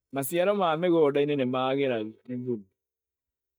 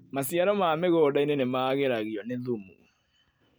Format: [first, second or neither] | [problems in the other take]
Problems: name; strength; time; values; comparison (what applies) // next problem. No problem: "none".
second | noise reduction (neural mask model DeepFilterNet 3)